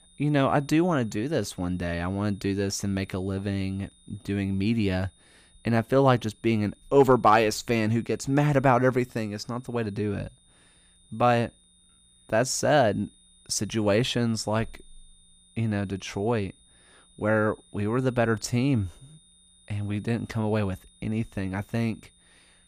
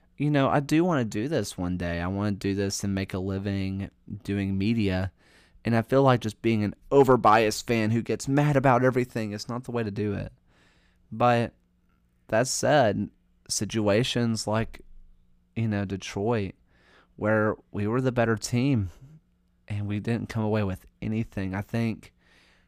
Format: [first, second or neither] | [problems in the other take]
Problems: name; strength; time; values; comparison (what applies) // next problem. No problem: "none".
second | high-pitched whine; faint; throughout; 3.5 kHz, 30 dB below the speech